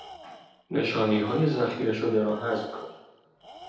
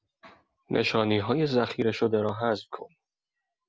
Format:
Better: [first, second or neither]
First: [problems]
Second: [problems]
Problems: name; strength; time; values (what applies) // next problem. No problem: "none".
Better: second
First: background sound (Tools); 19 dB below the speech // room echo; dies away in 0.9 s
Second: none